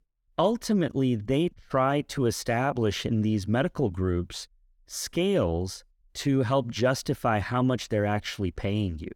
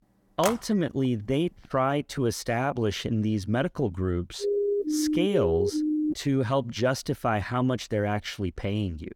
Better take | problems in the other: first | phone ringing; noticeable; at 0.5 s; peak 5 dB below the speech // siren; loud; from 4.5 to 6 s; peak 2 dB above the speech

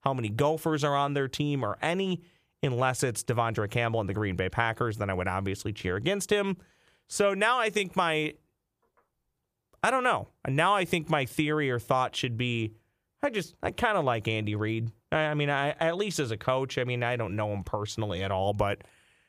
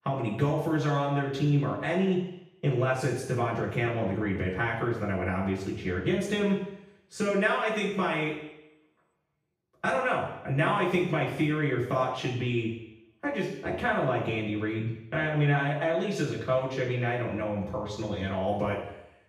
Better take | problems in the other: first | room echo; noticeable; dies away in 0.8 s // off-mic speech; far

